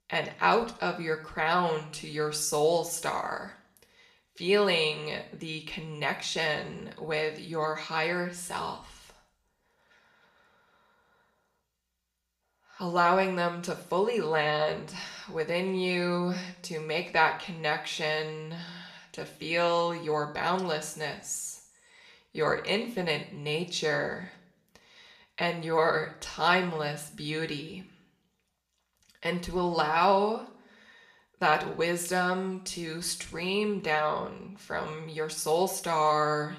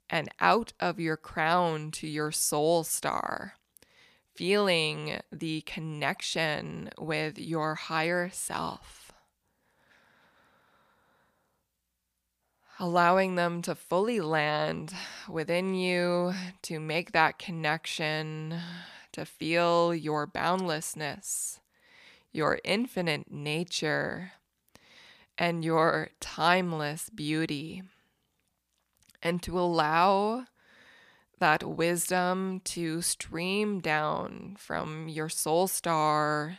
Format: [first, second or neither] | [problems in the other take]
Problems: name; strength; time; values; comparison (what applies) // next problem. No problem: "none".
second | room echo; slight; dies away in 0.5 s